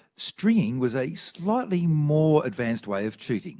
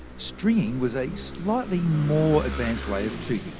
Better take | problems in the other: first | background sound (Engine / Vehicle); 9 dB below the speech

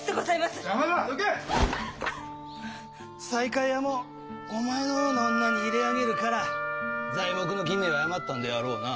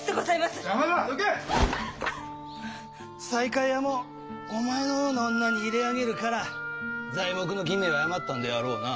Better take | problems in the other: second | background sound (Wind instrument, woodwind instrument); 4 dB below the speech

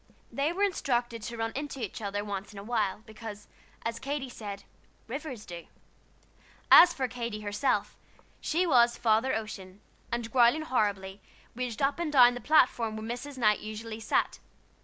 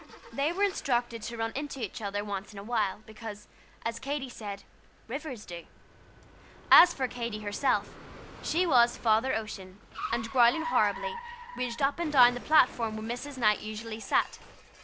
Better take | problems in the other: first | background sound (Car); 15 dB below the speech

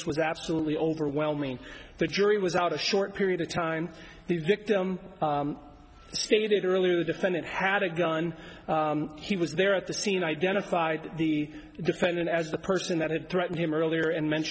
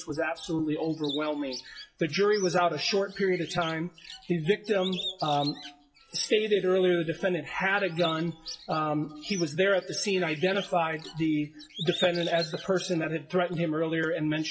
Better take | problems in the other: first | noise reduction (classical method WPE with log-MMSE)

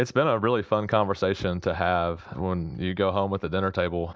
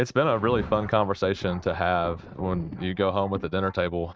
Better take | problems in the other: first | noise reduction (neural mask model RNNoise)

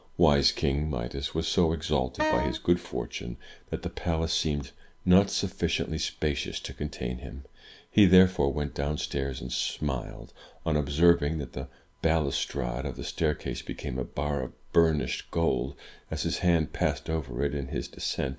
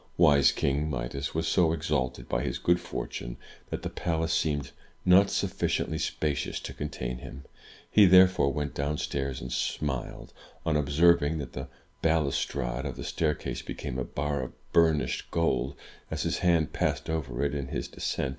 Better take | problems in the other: second | background sound (Wind instrument, woodwind instrument); 5 dB below the speech

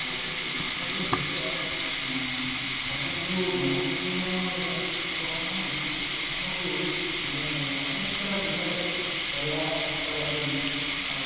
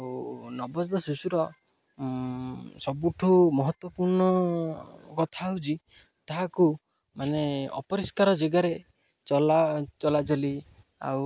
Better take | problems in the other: second | background sound (Sink (filling or washing)); 4 dB above the speech // room echo; dies away in 2.1 s

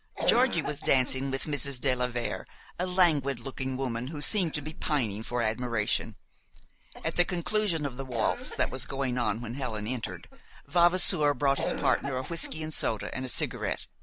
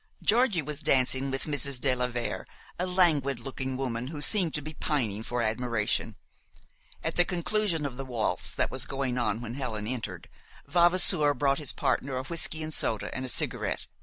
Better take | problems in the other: second | background sound (Cough); 13 dB below the speech

